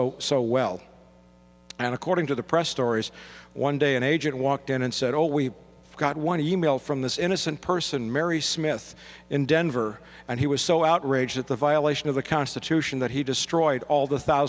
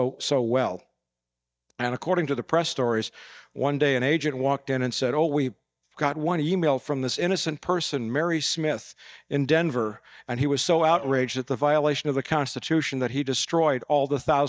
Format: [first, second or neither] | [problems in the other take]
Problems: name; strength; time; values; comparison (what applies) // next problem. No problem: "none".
first | noise reduction (neural mask model DeepFilterNet 3)